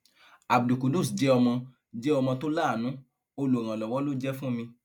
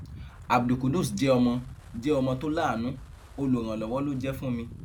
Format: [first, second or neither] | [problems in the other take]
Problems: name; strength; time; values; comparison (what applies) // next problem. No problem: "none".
first | background sound (Wind); 15 dB below the speech